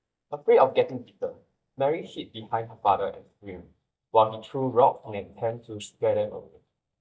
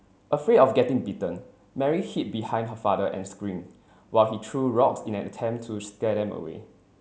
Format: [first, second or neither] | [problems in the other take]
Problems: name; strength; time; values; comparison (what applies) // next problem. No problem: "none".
second | noise reduction (neural mask model DeepFilterNet 3)